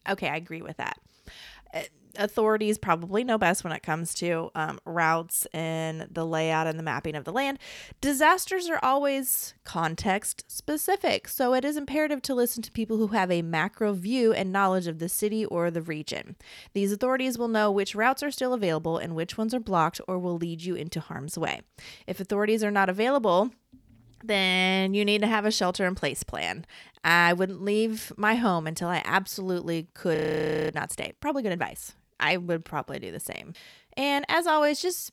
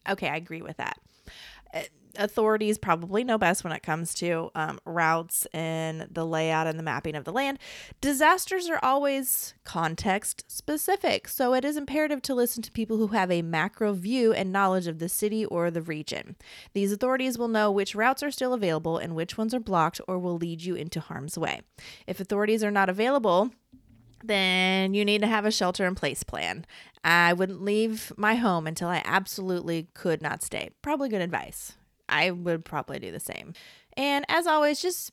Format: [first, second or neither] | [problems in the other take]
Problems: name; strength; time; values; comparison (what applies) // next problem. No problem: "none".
second | audio freezing; at 30 s for 0.5 s